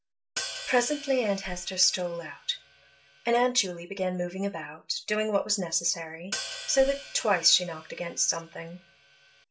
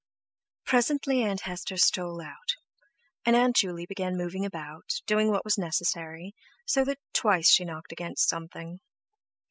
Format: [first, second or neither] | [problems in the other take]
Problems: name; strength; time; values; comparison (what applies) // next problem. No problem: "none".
second | background sound (Hi-hat); 13 dB below the speech // room echo; dies away in 0.2 s